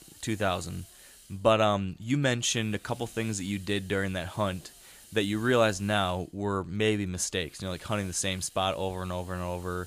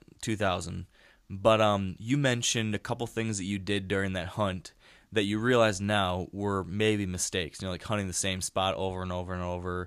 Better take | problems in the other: second | hiss; faint; throughout; 20 dB below the speech

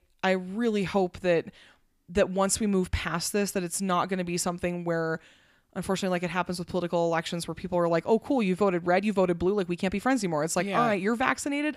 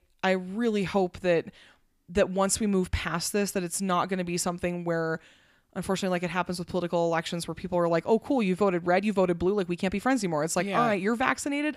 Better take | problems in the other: neither | none

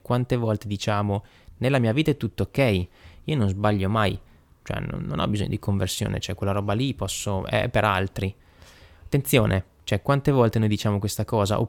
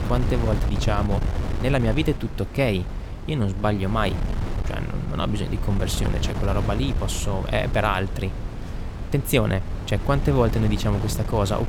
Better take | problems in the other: first | wind noise on the microphone; heavy; 10 dB below the speech

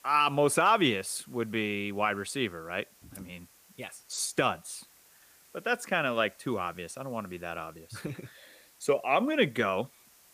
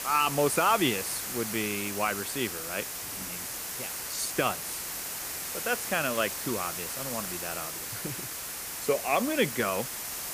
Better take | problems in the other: first | hiss; loud; throughout; 3 dB below the speech; faint in the first

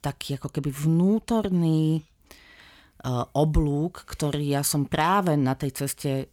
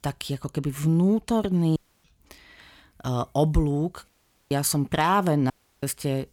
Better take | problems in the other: first | audio cutting out; at 2 s, at 4 s and at 5.5 s

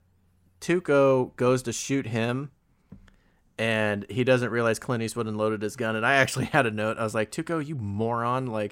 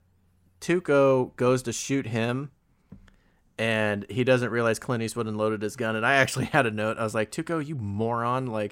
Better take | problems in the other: neither | none

